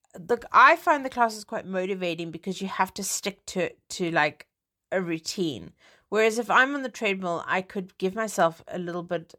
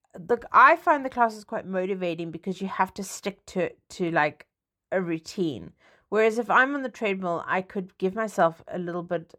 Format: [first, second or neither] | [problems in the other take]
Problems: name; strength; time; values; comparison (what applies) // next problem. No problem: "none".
first | muffled; slightly; fading above 2.5 kHz